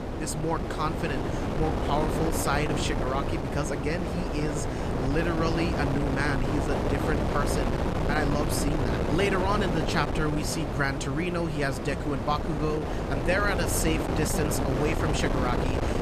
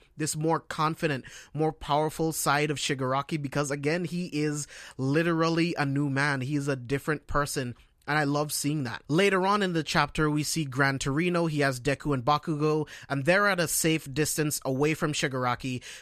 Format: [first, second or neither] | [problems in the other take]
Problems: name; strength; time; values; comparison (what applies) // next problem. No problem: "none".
second | wind noise on the microphone; heavy; 1 dB below the speech